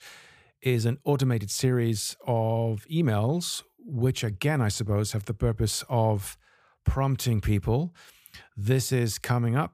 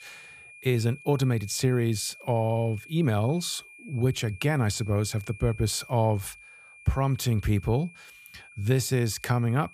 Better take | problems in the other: first | high-pitched whine; noticeable; throughout; 2.5 kHz, 20 dB below the speech

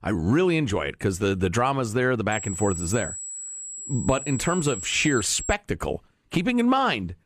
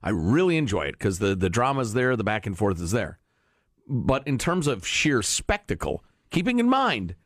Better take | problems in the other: second | high-pitched whine; loud; from 2.5 to 5.5 s; 8 kHz, 8 dB below the speech

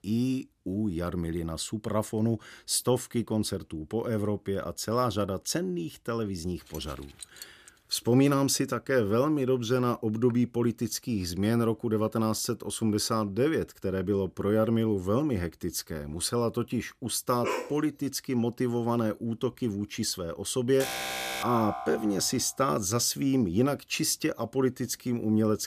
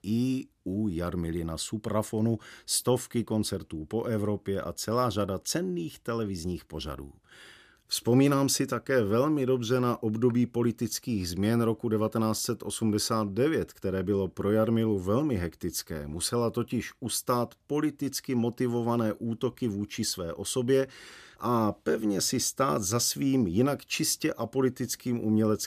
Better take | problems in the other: second | jangling keys; faint; from 6.5 to 7.5 s; peak 15 dB below the speech // dog barking; noticeable; at 17 s; peak 4 dB below the speech // alarm; noticeable; from 21 to 22 s; peak 3 dB below the speech

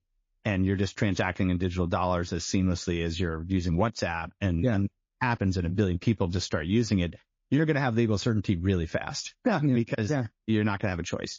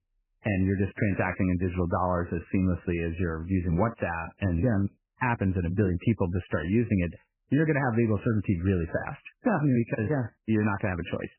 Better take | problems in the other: first | garbled, watery; badly; nothing above 2.5 kHz; slightly in the first

